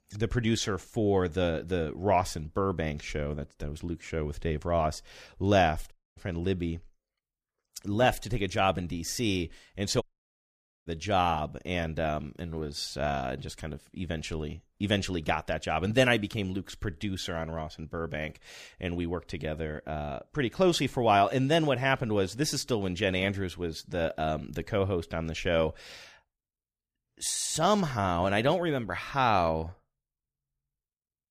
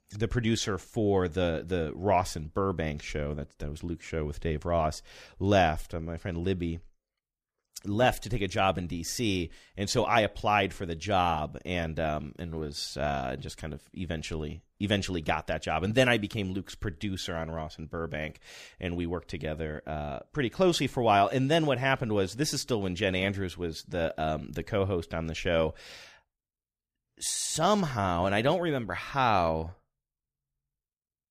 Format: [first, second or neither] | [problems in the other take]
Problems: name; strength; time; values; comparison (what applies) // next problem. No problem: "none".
second | audio cutting out; at 6 s and at 10 s for 1 s